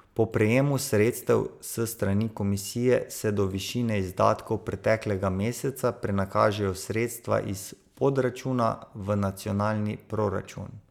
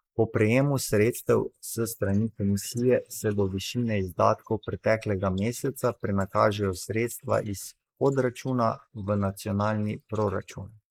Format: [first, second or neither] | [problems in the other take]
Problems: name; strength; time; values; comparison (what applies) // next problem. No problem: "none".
first | noise reduction (neural mask model Resemble Enhance denoiser)